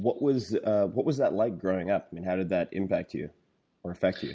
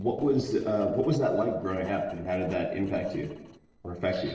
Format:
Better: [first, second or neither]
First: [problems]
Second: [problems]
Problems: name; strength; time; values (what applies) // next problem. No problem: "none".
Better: first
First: none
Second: noise reduction (neural separator model SepFormer DNS4)